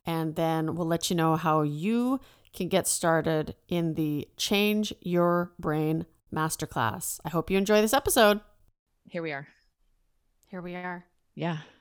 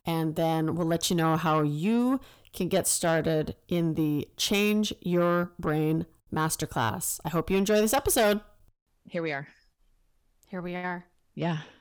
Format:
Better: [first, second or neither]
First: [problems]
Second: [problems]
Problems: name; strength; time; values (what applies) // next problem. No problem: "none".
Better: first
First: none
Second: distortion; slight; 10 dB below the speech